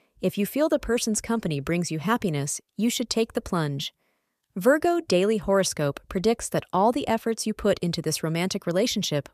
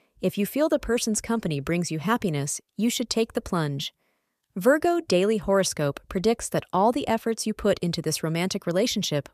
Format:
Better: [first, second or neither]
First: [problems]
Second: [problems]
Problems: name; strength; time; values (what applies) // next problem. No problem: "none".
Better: neither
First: none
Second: none